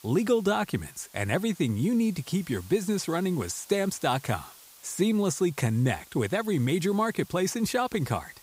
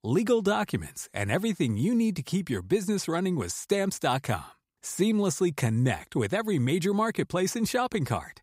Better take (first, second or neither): second